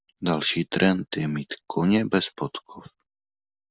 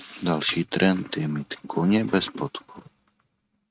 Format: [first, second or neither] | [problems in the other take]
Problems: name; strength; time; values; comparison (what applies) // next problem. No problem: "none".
first | noise reduction (neural mask model RNNoise)